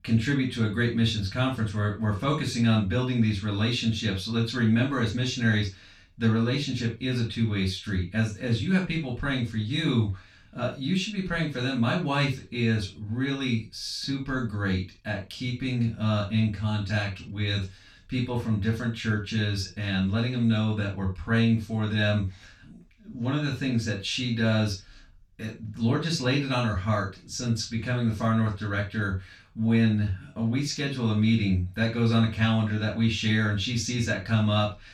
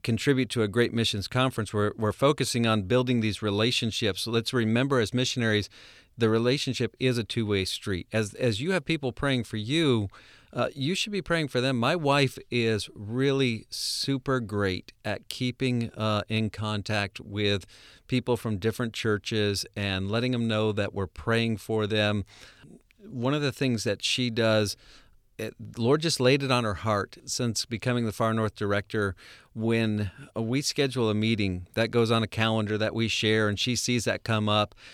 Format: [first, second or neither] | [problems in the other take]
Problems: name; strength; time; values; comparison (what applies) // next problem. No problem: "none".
second | room echo; noticeable; dies away in 0.2 s // off-mic speech; far